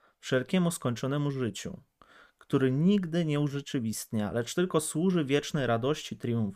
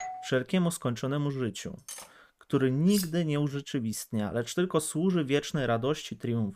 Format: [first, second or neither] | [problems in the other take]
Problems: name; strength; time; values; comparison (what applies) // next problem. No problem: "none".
first | doorbell; faint; at the start; peak 10 dB below the speech // clattering dishes; faint; at 2 s; peak 15 dB below the speech // clattering dishes; noticeable; at 3 s; peak 7 dB below the speech